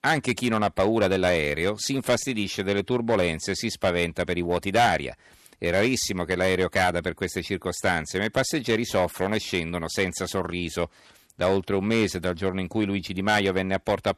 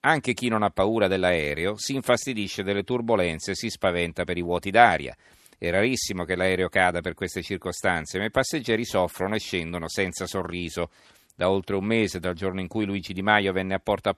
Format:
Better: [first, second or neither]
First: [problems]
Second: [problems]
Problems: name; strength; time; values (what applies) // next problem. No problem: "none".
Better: second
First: distortion; slight; 5% of the sound clipped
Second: none